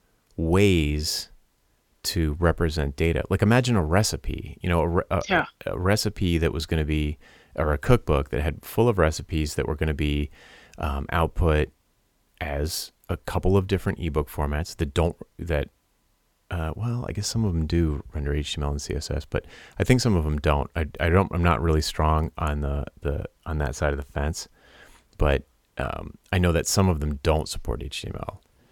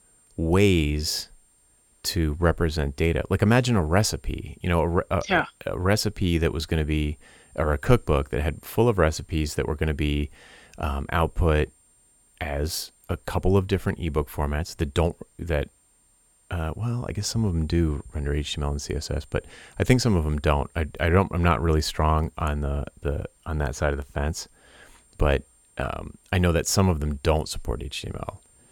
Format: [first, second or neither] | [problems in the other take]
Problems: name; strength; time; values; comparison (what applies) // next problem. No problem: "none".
first | high-pitched whine; faint; throughout; 9 kHz, 35 dB below the speech